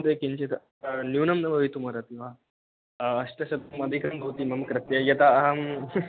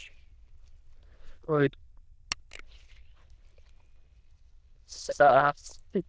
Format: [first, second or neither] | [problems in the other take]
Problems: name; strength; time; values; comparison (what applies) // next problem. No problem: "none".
first | noise reduction (neural diffusion model UNIVERSE++)